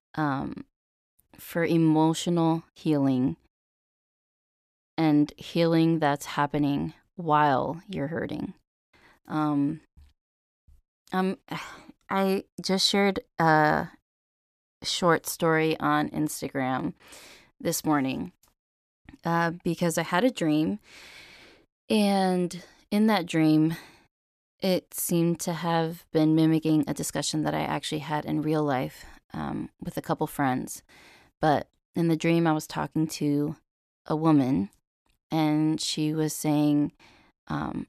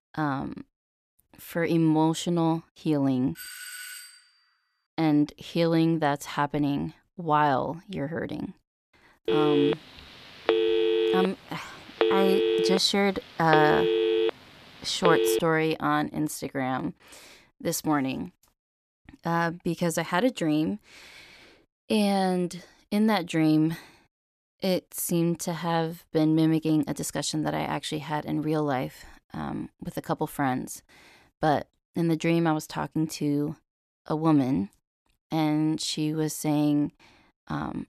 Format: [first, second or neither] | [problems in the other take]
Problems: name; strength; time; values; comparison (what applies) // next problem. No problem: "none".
first | doorbell; faint; at 3.5 s; peak 10 dB below the speech // phone ringing; loud; from 9.5 to 15 s; peak 4 dB above the speech